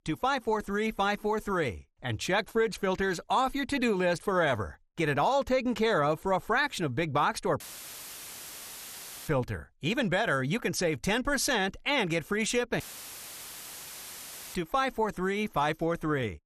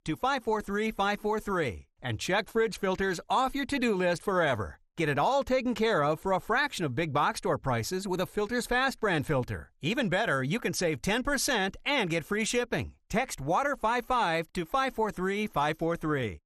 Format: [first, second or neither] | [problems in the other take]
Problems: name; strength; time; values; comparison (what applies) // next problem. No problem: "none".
second | audio cutting out; filled with static; at 7.5 s for 1.5 s and at 13 s for 2 s